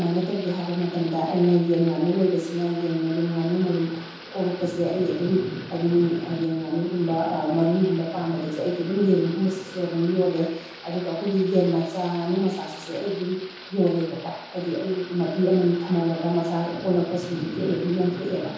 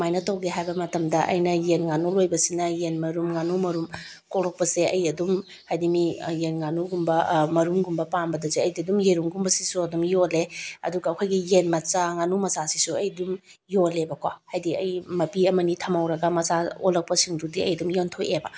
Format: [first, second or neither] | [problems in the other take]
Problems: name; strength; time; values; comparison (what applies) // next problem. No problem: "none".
second | background sound (Thunder / Rain); 15 dB below the speech // room echo; dies away in 0.8 s